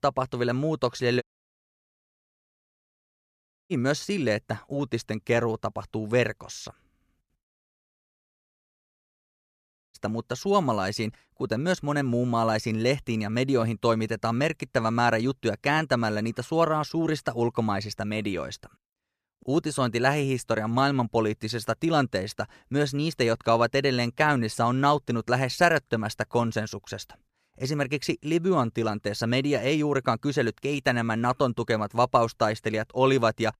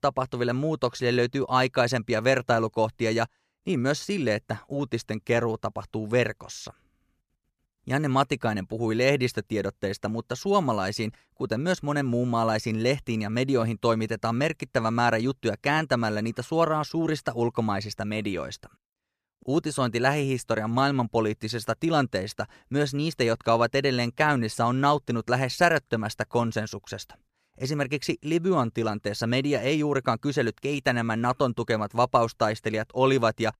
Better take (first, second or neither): second